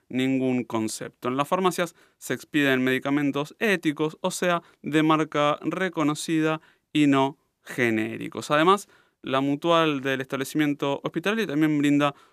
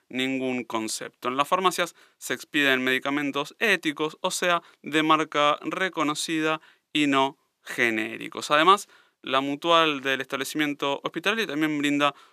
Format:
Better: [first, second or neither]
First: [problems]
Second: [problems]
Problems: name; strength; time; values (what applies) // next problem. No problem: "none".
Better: first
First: none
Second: thin; very slightly; fading below 400 Hz